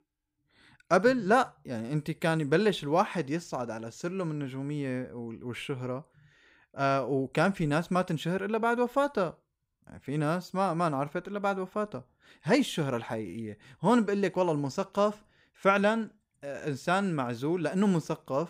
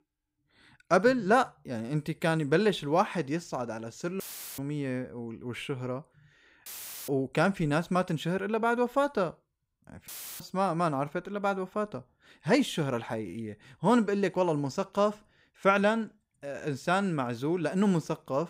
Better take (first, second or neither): first